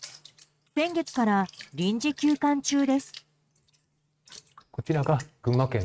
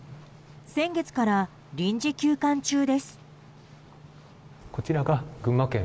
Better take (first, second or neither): second